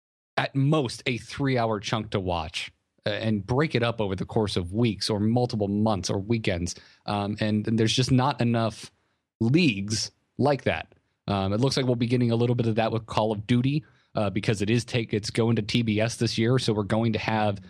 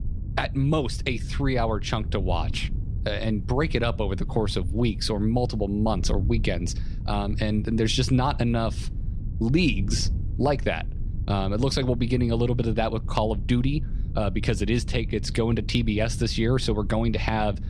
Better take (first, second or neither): first